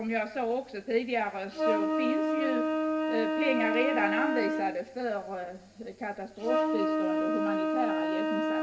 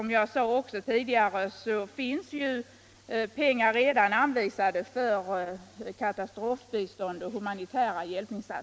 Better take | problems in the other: second | background sound (Wind instrument, woodwind instrument); 3 dB above the speech // room echo; dies away in 1.6 s

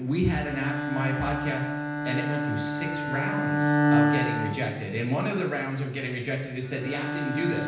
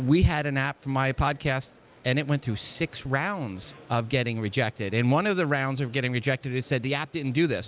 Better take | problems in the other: second | background sound (Bowed string instrument); 1 dB above the speech // room echo; dies away in 0.9 s

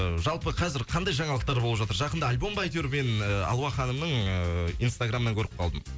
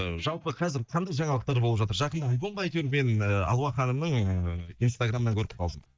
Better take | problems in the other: first | noise reduction (neural mask model DeepFilterNet 3)

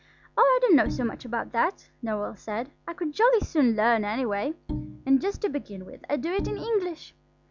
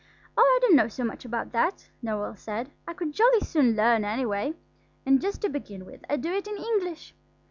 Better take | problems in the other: second | background sound (Bowed string instrument); 11 dB below the speech

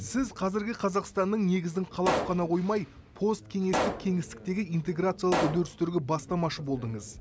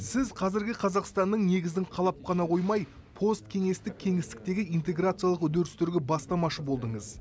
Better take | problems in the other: second | background sound (Explosion); 6 dB below the speech

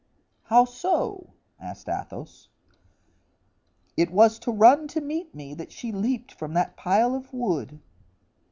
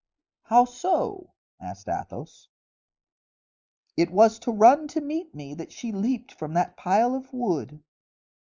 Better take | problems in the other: first | noise reduction (neural mask model Resemble Enhance denoiser)

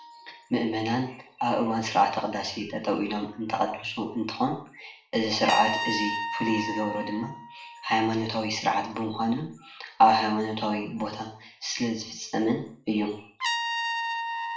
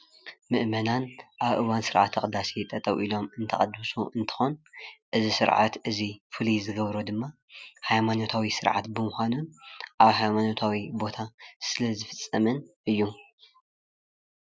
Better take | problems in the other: second | background sound (Trumpet); 9 dB below the speech // room echo; dies away in 0.5 s

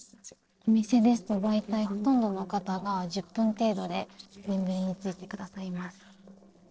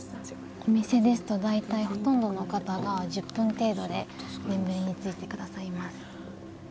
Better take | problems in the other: second | noise reduction (neural separator model SepFormer DNS4)

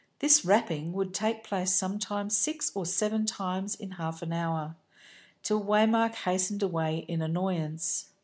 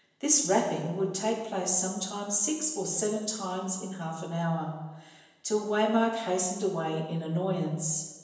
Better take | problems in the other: first | room echo; dies away in 1 s

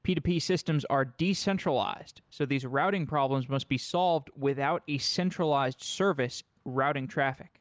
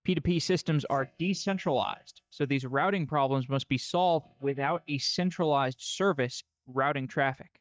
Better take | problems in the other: first | noise reduction (neural mask model DeepFilterNet 3)

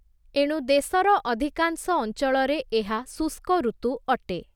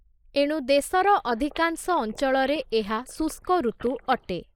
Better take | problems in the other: first | noise reduction (neural mask model Resemble Enhance denoiser)

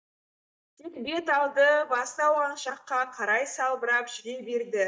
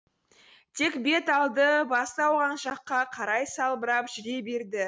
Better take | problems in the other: second | noise reduction (neural mask model DeepFilterNet 3)

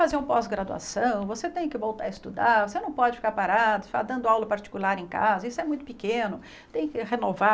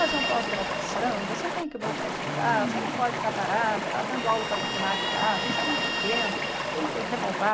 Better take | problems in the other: first | background sound (Stream + Guitar); 1 dB above the speech

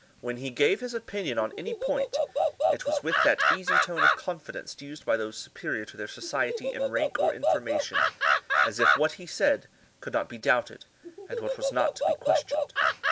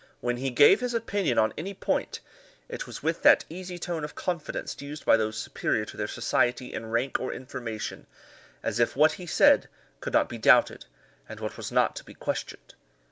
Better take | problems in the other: second | background sound (Animal); 3 dB above the speech

